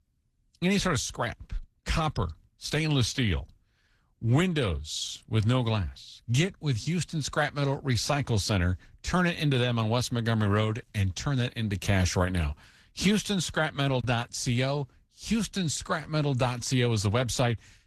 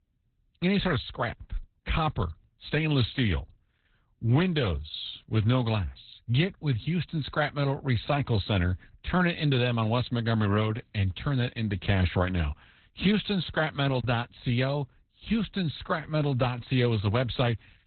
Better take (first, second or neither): first